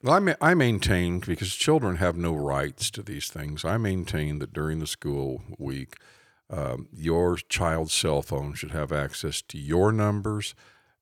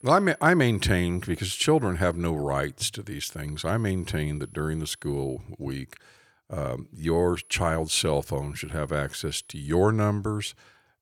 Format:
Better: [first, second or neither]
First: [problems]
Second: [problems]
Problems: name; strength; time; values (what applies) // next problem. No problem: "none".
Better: first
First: none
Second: high-pitched whine; faint; until 2 s, from 3.5 to 5.5 s and from 7 to 10 s; 10.5 kHz, 25 dB below the speech